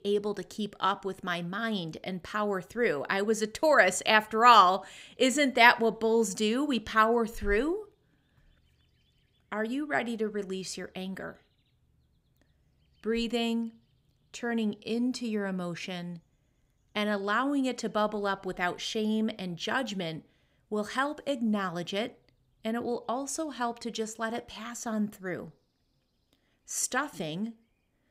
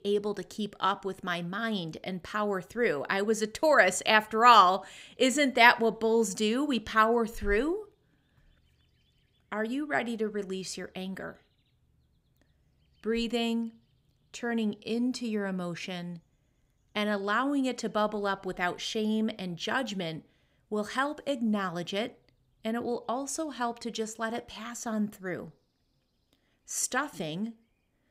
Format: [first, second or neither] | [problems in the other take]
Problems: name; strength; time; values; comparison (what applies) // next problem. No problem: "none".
neither | none